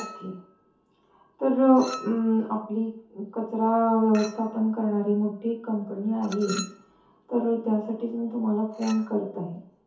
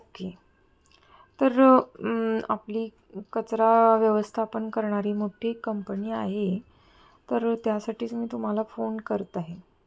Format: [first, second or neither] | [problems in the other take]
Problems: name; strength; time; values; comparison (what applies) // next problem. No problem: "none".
second | background sound (Chink, clink); 19 dB below the speech // room echo; dies away in 0.5 s